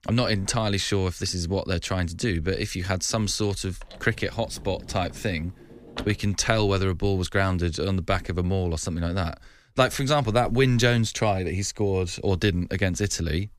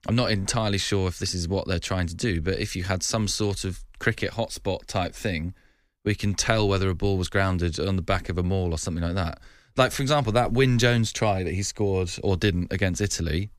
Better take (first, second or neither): second